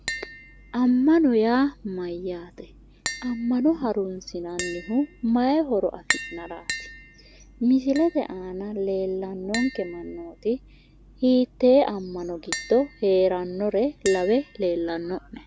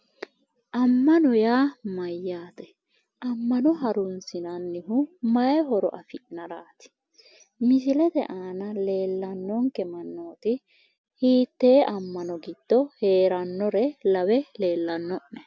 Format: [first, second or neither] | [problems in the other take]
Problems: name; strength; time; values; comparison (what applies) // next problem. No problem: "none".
second | background sound (Tap); 14 dB below the speech